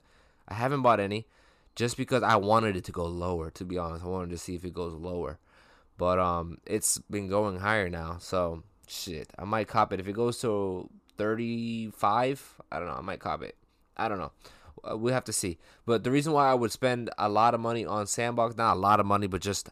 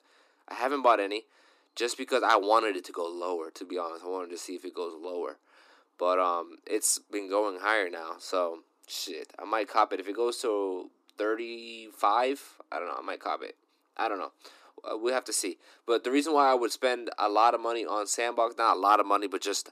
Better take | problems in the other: first | thin; somewhat; fading below 300 Hz

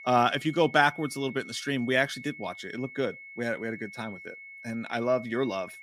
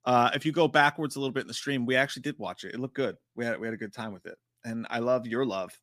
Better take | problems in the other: second | high-pitched whine; noticeable; throughout; 2 kHz, 15 dB below the speech

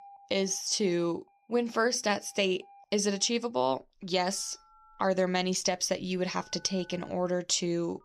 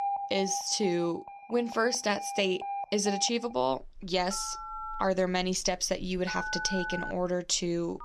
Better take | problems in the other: first | alarms or sirens; loud; throughout; 8 dB below the speech; faint in the first

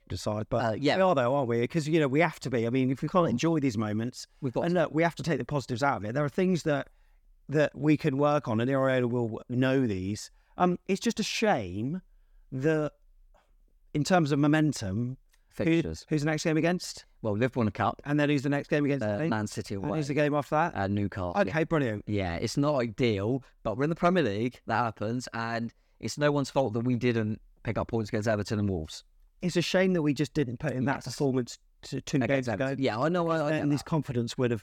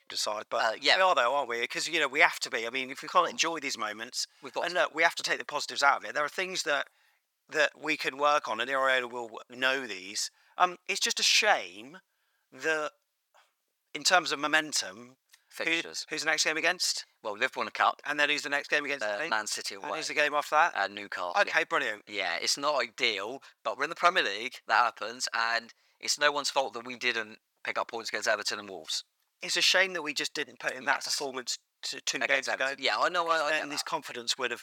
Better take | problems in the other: first | thin; very; fading below 1 kHz

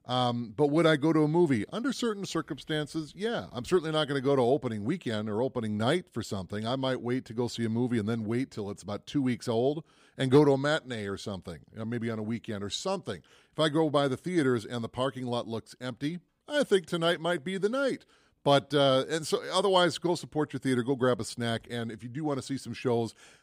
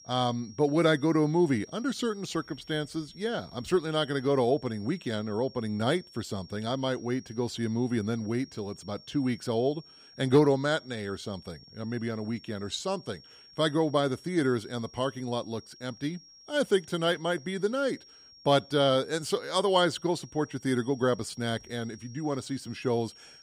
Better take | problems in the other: first | high-pitched whine; faint; throughout; 5.5 kHz, 20 dB below the speech

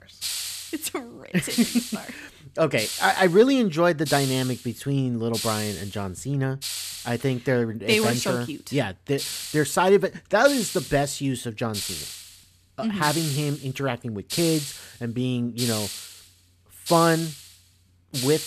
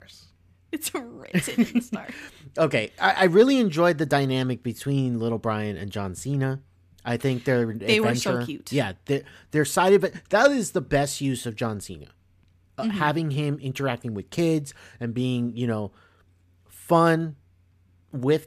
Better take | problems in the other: second | hiss; loud; throughout; 7 dB below the speech

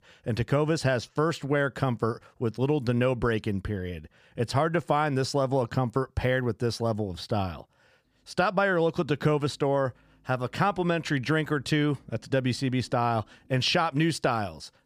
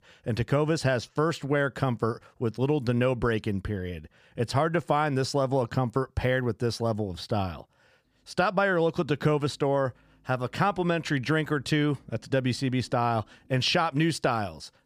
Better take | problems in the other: neither | none

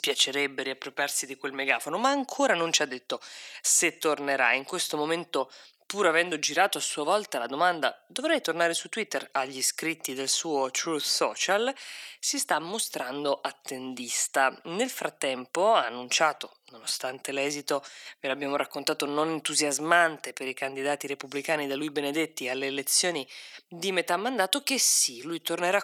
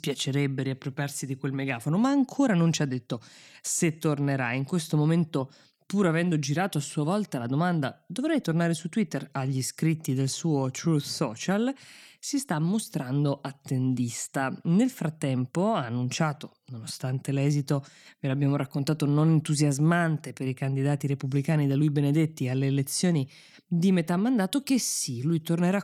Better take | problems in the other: second | thin; very; fading below 500 Hz

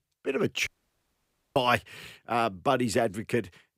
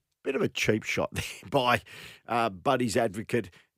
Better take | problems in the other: second | audio cutting out; at 0.5 s for 1 s

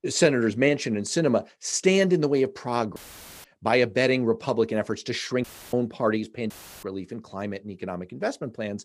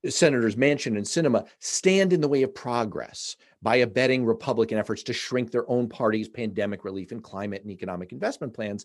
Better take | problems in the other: second | audio cutting out; filled with static; at 3 s, at 5.5 s and at 6.5 s

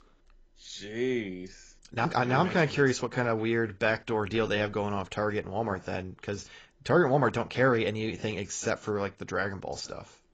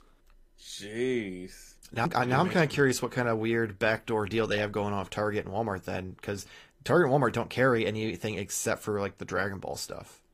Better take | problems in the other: second | garbled, watery; badly; nothing above 7.5 kHz; slightly in the second

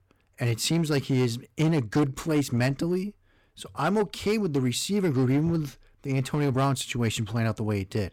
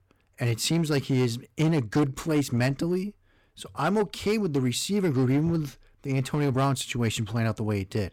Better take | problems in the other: neither | distortion; slight; 7% of the sound clipped; the same in both

